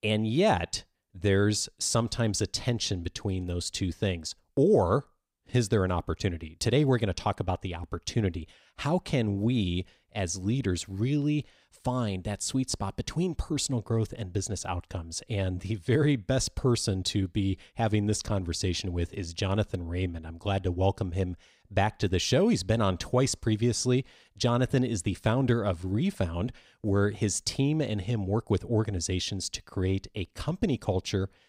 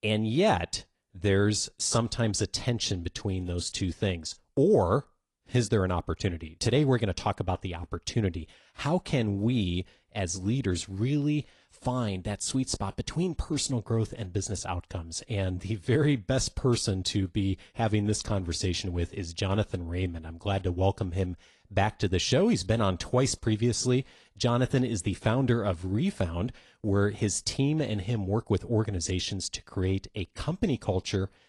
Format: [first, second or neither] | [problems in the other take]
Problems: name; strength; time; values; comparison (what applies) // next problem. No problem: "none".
first | garbled, watery; slightly